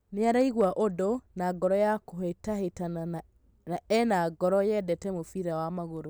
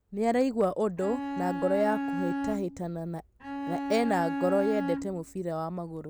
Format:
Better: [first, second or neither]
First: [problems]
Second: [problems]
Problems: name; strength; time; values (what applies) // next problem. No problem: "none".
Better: first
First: none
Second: background sound (Bowed string instrument); 4 dB below the speech